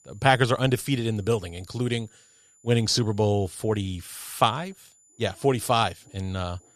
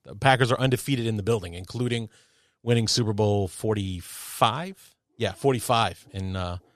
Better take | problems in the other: second | high-pitched whine; faint; throughout; 7 kHz, 30 dB below the speech

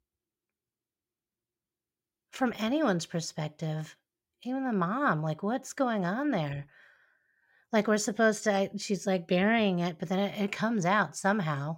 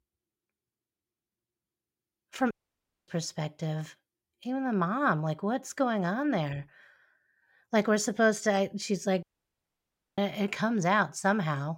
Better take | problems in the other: first | audio cutting out; at 2.5 s for 0.5 s and at 9 s for 1 s

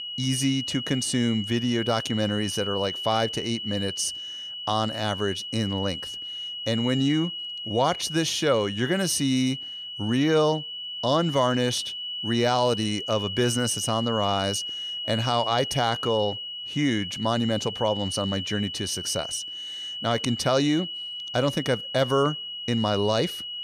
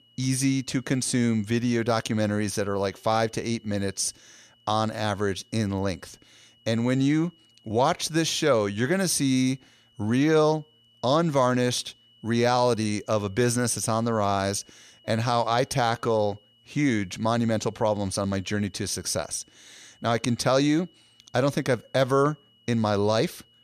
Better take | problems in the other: second | high-pitched whine; loud; throughout; 3 kHz, 6 dB below the speech; faint in the second

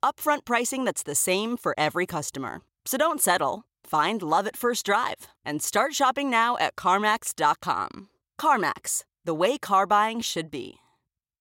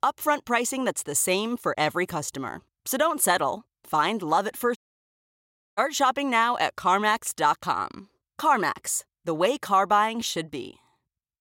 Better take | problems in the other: first | audio cutting out; at 5 s for 1 s

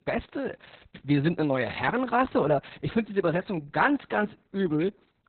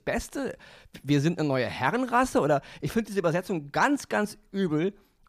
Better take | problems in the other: second | garbled, watery; badly; nothing above 4 kHz

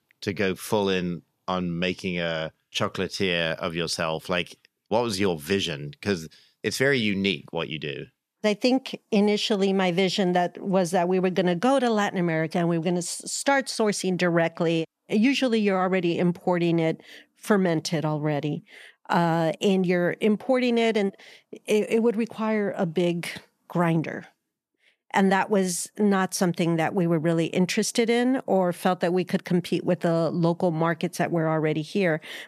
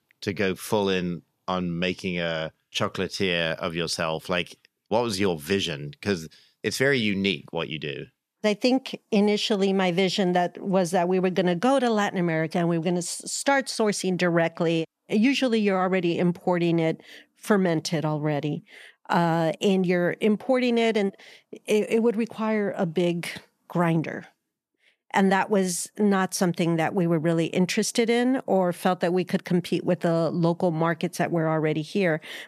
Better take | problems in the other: neither | none

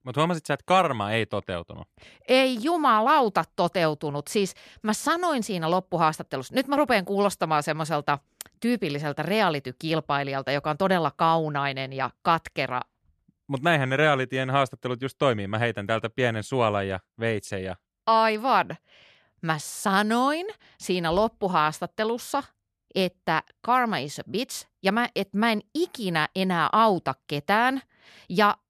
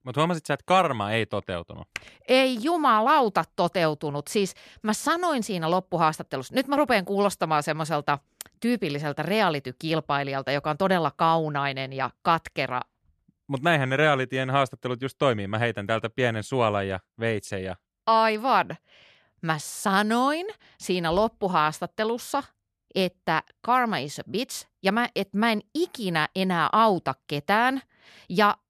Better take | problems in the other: first | keyboard typing; very faint; at 2 s; peak 15 dB below the speech

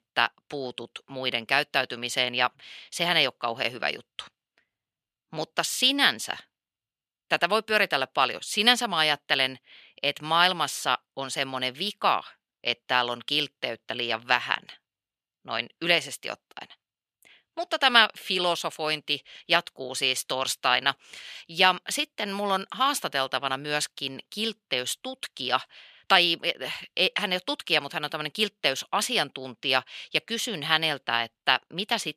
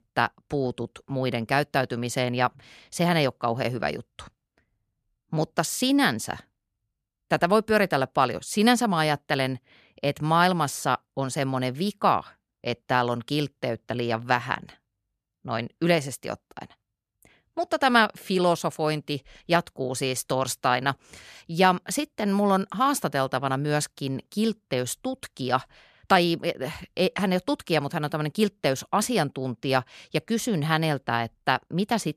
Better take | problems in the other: second | thin; somewhat; fading below 1 kHz

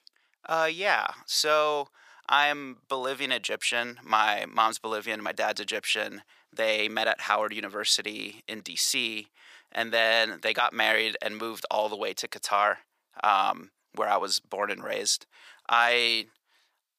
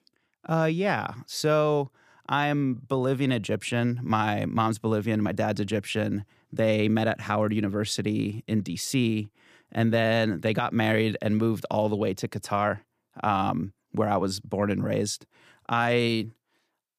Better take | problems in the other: second | thin; very; fading below 800 Hz

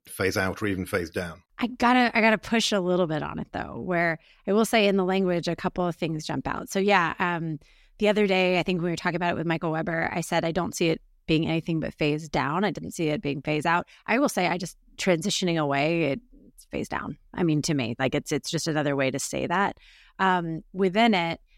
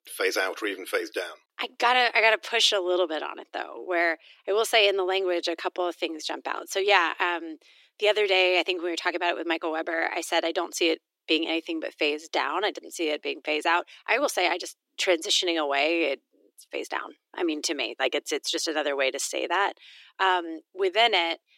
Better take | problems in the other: first | thin; very; fading below 350 Hz

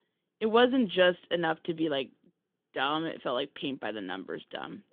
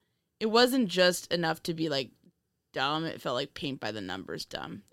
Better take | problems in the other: second | phone-call audio; nothing above 3.5 kHz

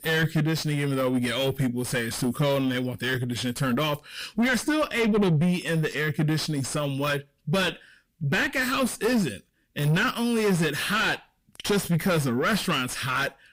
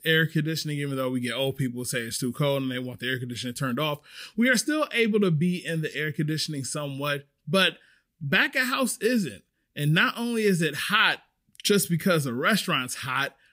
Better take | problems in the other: second | distortion; heavy; 6 dB below the speech

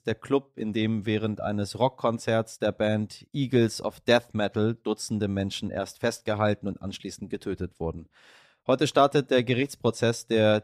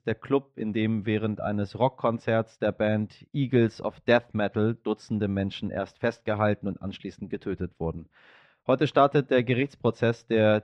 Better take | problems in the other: first | muffled; slightly; fading above 2.5 kHz

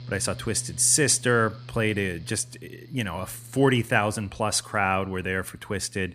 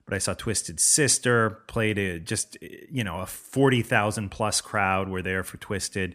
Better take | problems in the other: second | machinery noise; faint; throughout; 20 dB below the speech

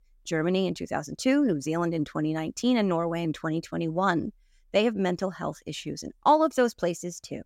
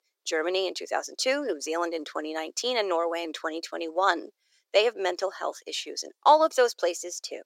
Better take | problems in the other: first | thin; very; fading below 400 Hz

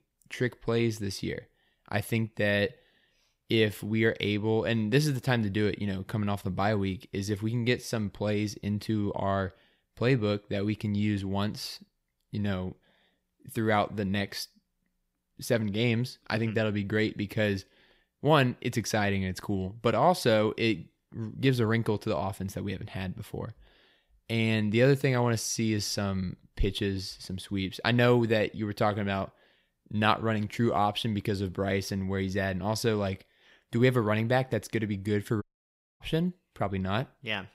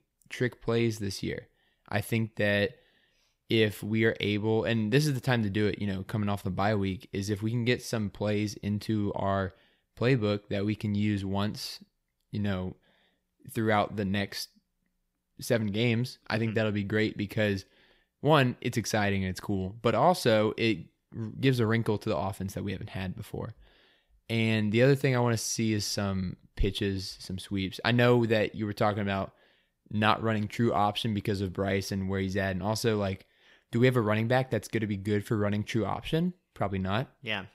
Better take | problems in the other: second | audio cutting out; at 35 s for 0.5 s

